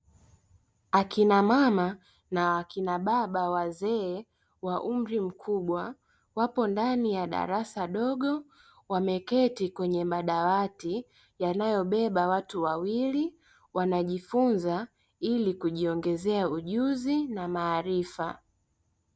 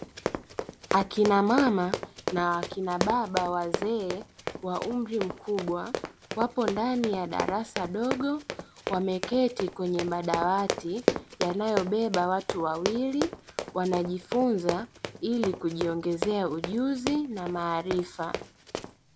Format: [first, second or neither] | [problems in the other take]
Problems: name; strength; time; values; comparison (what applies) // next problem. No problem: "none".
first | background sound (Run); 6 dB below the speech